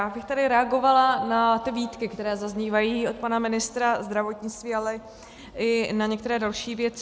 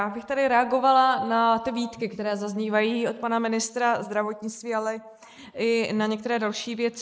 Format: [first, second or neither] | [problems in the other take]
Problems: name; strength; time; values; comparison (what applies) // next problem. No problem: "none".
first | noise reduction (neural mask model Resemble Enhance denoiser)